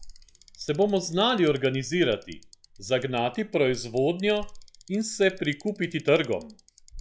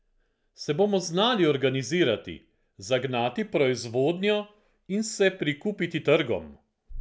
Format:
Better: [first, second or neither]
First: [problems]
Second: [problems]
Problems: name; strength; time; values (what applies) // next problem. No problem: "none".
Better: second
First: noise reduction (classical method log-MMSE)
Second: none